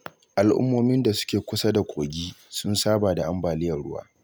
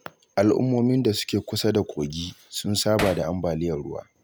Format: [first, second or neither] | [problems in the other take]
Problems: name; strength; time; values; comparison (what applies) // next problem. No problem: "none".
first | background sound (Hammer); 6 dB below the speech